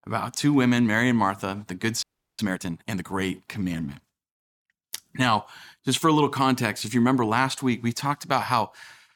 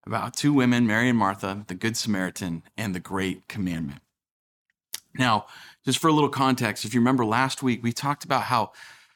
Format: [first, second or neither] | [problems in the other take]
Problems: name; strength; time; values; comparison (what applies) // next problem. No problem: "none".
second | audio freezing; at 2 s